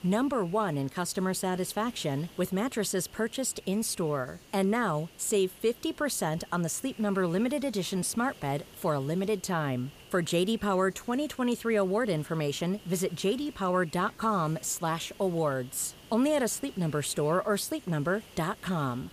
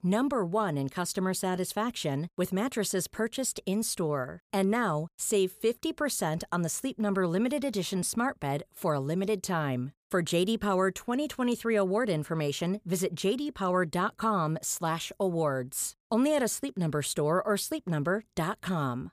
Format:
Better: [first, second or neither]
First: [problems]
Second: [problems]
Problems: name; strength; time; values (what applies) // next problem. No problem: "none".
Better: second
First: hiss; faint; throughout; 20 dB below the speech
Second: none